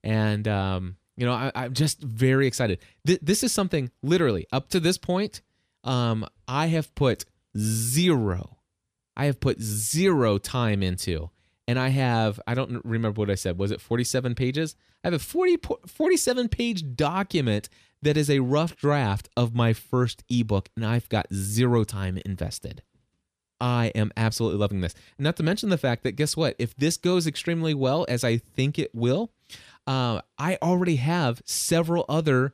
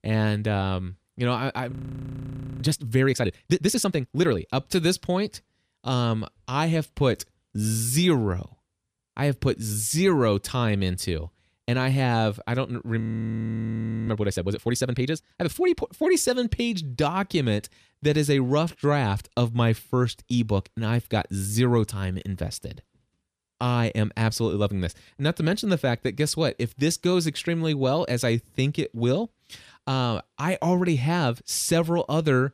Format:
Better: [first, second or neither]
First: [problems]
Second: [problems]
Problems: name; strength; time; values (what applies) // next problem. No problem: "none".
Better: first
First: none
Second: audio freezing; at 1.5 s for 1 s and at 13 s for 1 s